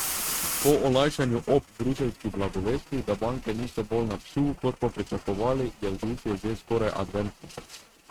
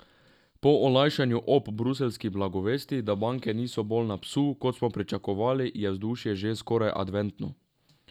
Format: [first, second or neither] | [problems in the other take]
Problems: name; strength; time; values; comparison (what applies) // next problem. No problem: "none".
second | noise reduction (neural mask model RNNoise)